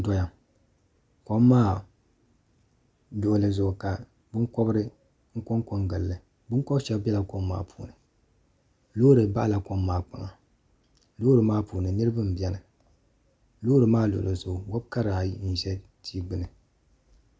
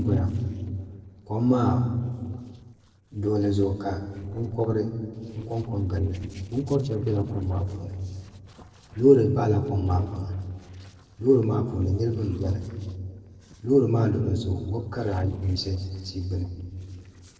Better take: first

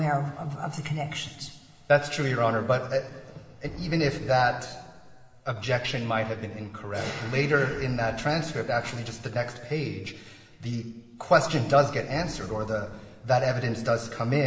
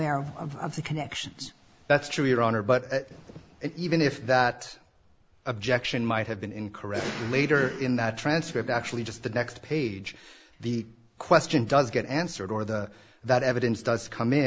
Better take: second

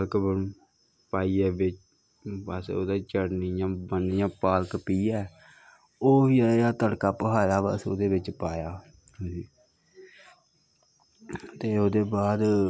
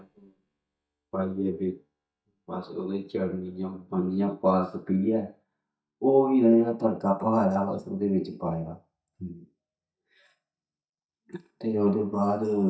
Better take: first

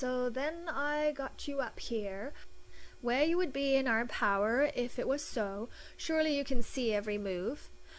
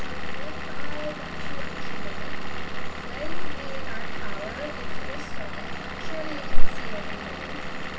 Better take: first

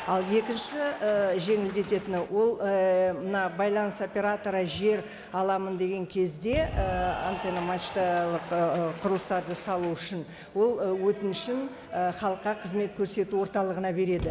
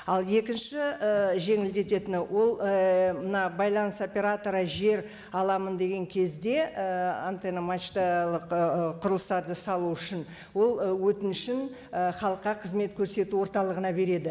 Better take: second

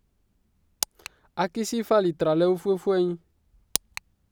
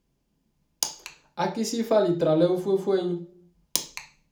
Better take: first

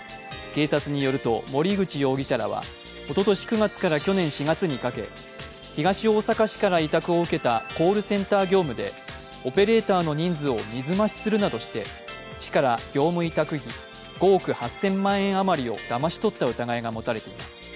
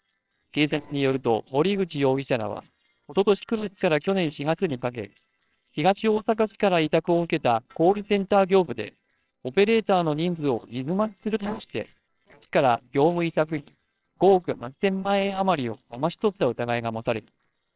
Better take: first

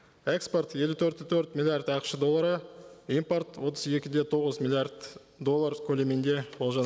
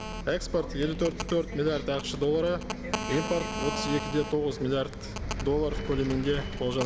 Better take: first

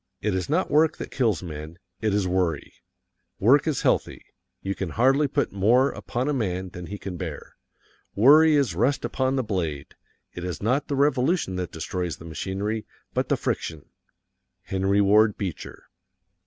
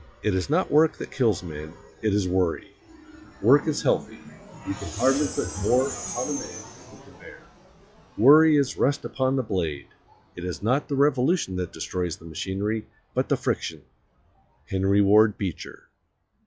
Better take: first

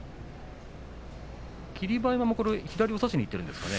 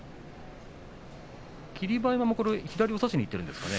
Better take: second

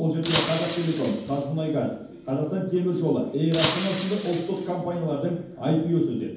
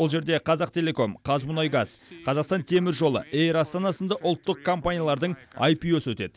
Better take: second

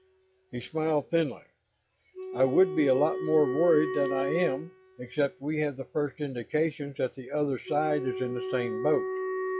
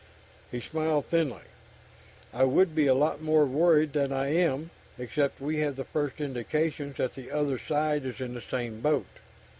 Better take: second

